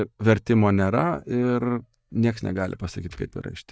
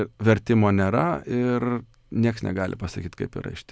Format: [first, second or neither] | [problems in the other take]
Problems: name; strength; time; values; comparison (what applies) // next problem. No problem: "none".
second | noise reduction (neural mask model DeepFilterNet 3)